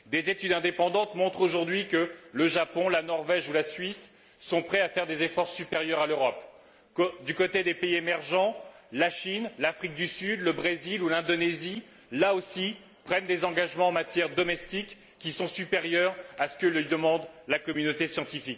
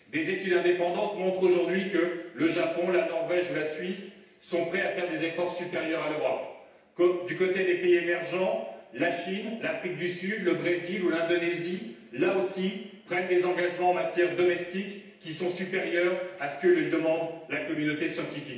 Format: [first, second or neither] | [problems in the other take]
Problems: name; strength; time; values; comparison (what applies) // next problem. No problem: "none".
first | room echo; dies away in 0.9 s